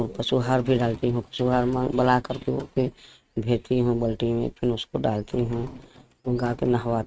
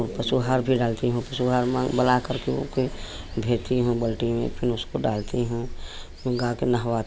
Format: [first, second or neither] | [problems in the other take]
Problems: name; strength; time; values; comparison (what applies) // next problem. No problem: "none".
second | noise reduction (neural mask model RNNoise)